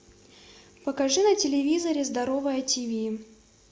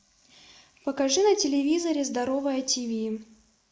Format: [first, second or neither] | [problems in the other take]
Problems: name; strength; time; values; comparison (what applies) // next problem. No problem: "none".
first | noise reduction (neural mask model Resemble Enhance denoiser)